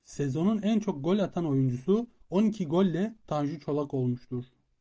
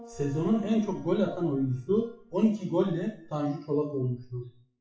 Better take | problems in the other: first | noise reduction (classical method WPE with log-MMSE)

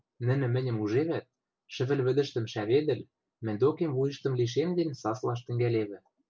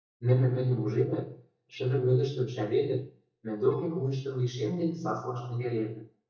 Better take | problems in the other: first | noise reduction (neural mask model DeepFilterNet 3)

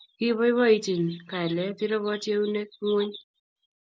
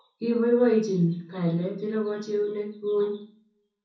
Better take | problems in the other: first | room echo; dies away in 0.6 s

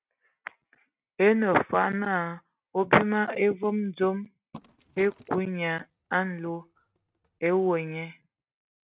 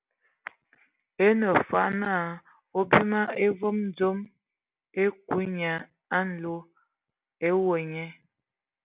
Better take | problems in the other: second | noise reduction (neural mask model RNNoise)

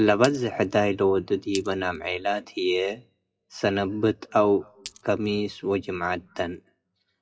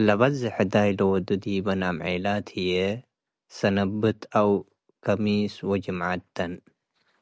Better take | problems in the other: second | noise reduction (classical method WPE with log-MMSE)

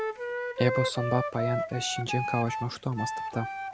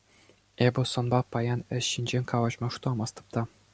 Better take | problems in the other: second | background sound (Wind instrument, woodwind instrument); 2 dB below the speech

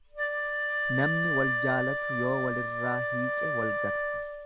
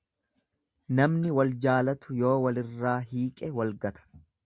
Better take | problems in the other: second | background sound (Wind instrument, woodwind instrument); 3 dB above the speech

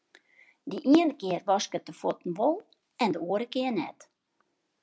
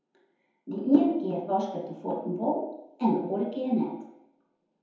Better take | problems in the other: first | room echo; dies away in 0.9 s

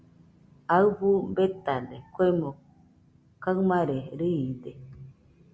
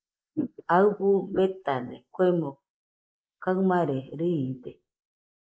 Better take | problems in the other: first | noise reduction (neural mask model Resemble Enhance denoiser)

